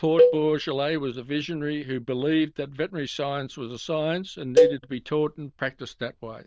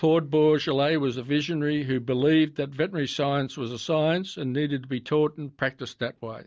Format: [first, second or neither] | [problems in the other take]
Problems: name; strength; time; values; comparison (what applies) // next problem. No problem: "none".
second | noise reduction (neural diffusion model UNIVERSE++)